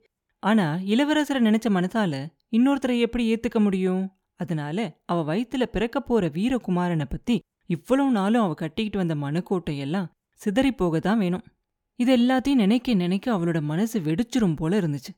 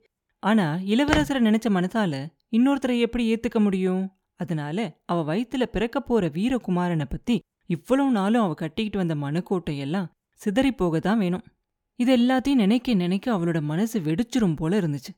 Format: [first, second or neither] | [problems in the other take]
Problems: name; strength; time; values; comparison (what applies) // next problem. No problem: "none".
first | footsteps; noticeable; at 1 s; peak 4 dB below the speech